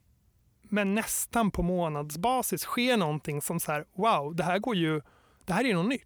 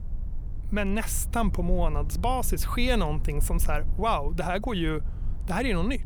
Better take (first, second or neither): first